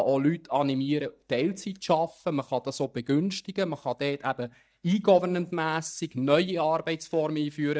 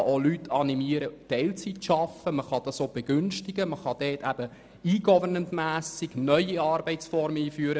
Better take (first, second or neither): second